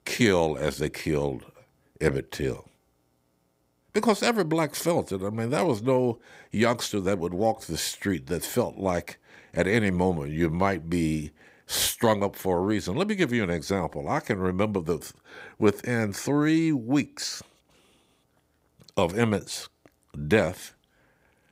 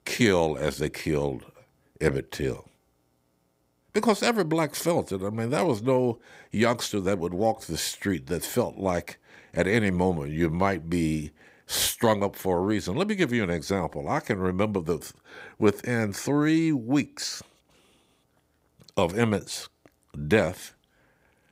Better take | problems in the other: neither | none

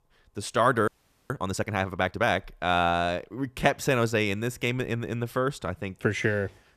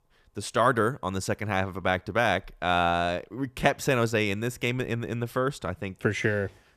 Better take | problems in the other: second | audio freezing; at 1 s

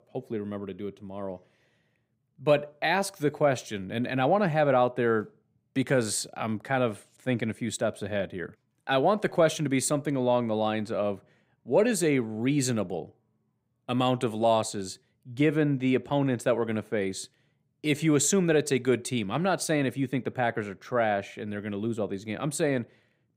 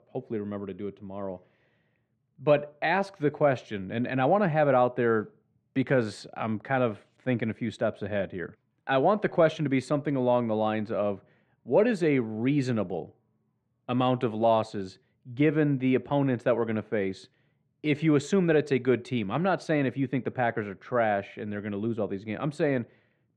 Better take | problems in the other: first | muffled; slightly; fading above 2.5 kHz

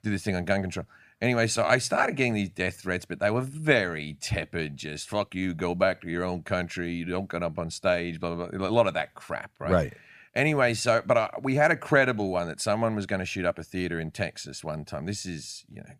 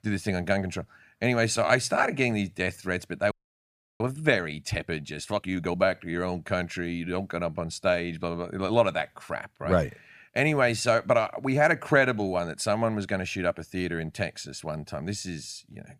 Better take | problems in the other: first | audio freezing; at 3.5 s for 0.5 s

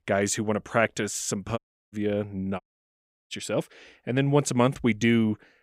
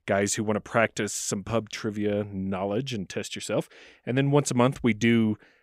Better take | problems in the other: second | audio cutting out; at 1.5 s and at 2.5 s for 0.5 s

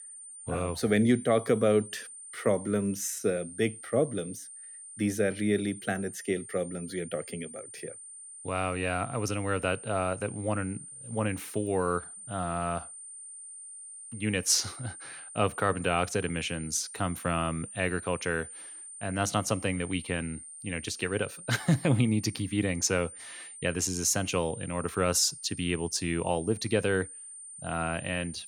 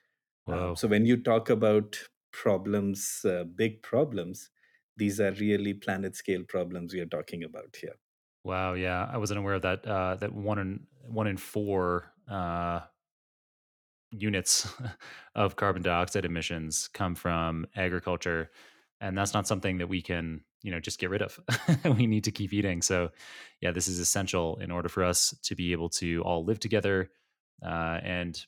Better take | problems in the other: second | high-pitched whine; noticeable; throughout; 9 kHz, 15 dB below the speech

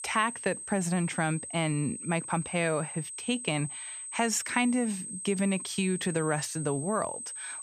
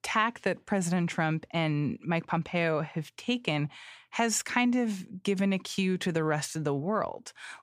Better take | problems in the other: second | high-pitched whine; loud; throughout; 8 kHz, 7 dB below the speech

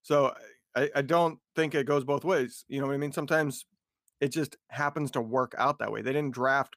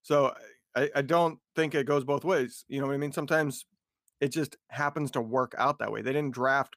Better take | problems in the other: neither | none

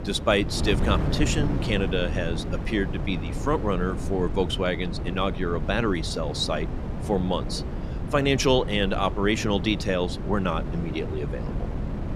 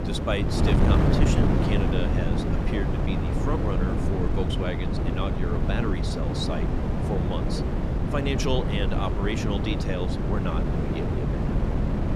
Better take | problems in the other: first | wind noise on the microphone; heavy; 1 dB above the speech; occasional gusts in the first

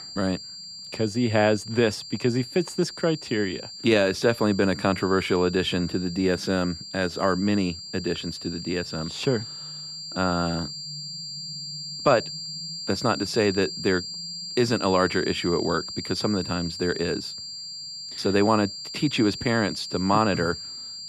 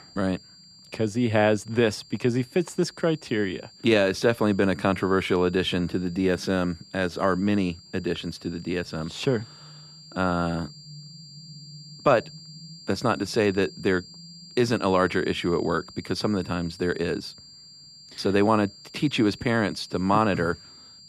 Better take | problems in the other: second | high-pitched whine; loud; throughout; 4.5 kHz, 9 dB below the speech; faint in the second

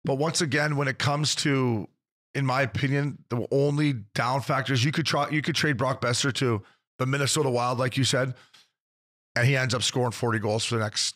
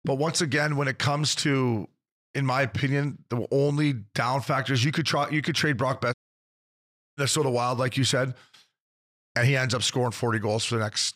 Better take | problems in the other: first | audio cutting out; at 6 s for 1 s

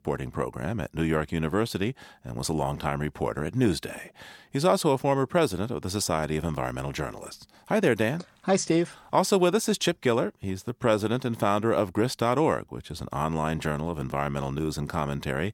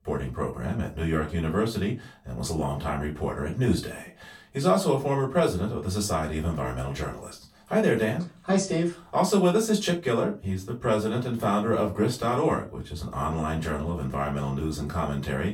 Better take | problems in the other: first | off-mic speech; far // room echo; very slight; dies away in 0.2 s

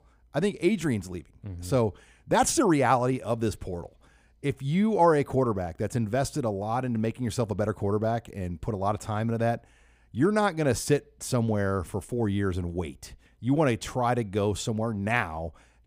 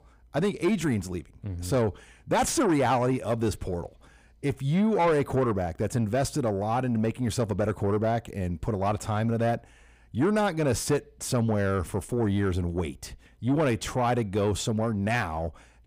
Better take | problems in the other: first | distortion; slight; 10 dB below the speech

